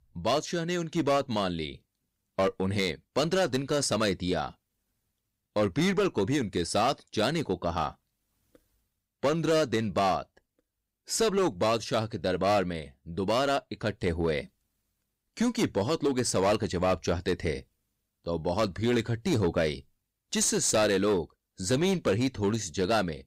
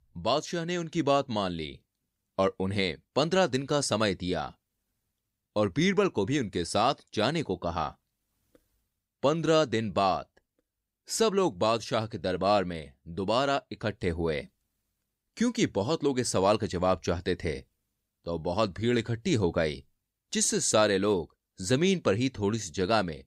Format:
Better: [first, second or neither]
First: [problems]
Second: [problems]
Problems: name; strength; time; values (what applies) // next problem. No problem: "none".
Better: second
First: distortion; slight; 6% of the sound clipped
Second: none